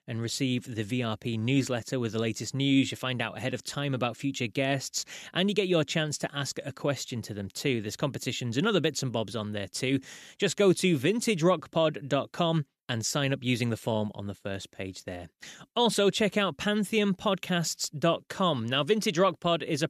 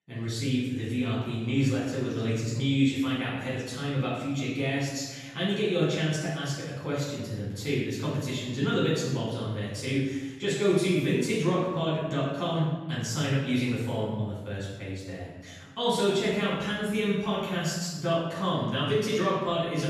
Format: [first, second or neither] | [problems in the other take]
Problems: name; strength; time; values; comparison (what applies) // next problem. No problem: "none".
first | off-mic speech; far // room echo; strong; dies away in 1.3 s